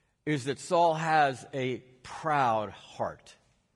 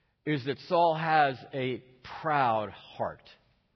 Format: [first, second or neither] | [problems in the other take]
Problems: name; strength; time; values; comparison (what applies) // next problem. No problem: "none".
first | garbled, watery; badly; nothing above 5 kHz; slightly in the first